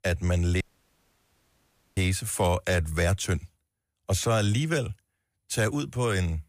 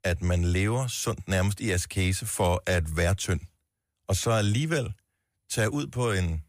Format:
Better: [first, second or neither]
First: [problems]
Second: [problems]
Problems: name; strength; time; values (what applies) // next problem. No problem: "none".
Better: second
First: audio cutting out; at 0.5 s for 1.5 s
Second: none